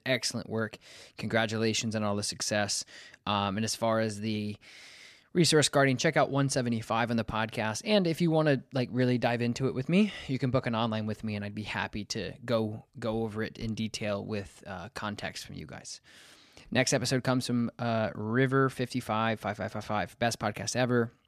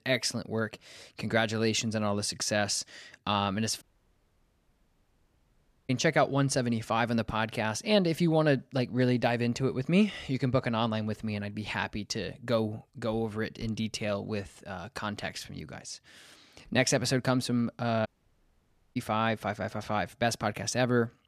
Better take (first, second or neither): first